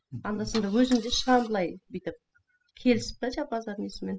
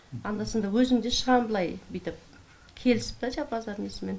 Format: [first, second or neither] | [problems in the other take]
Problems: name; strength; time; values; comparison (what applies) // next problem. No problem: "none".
second | noise reduction (classical method spectral subtraction)